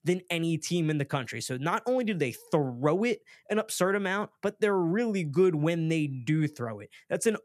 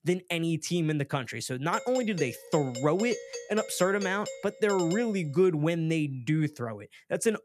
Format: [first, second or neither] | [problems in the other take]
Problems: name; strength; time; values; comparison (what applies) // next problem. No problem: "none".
first | doorbell; noticeable; from 1.5 to 5 s; peak 9 dB below the speech